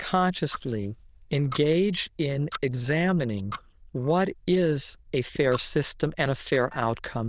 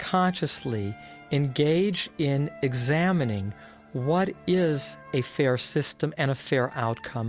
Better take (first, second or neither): second